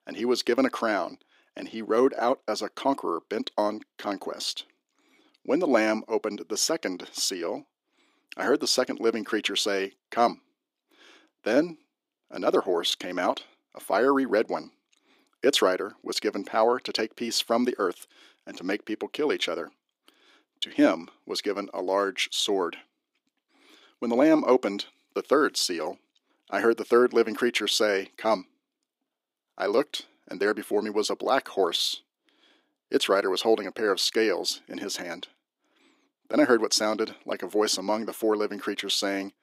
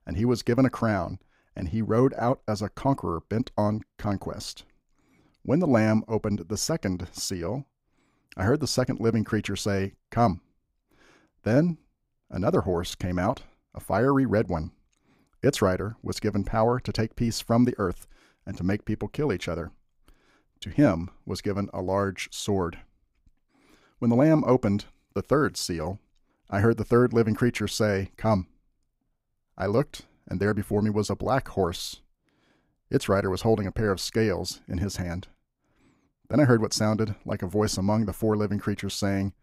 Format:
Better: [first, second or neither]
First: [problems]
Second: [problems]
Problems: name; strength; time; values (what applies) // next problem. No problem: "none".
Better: second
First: thin; somewhat; fading below 300 Hz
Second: none